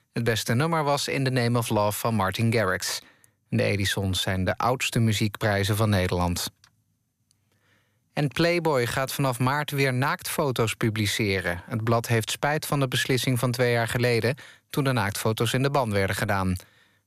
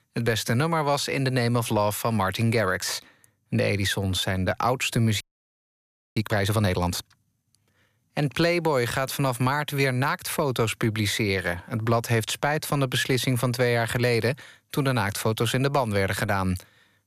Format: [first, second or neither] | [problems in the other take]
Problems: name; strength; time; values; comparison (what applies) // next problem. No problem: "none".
first | audio freezing; at 5 s for 1 s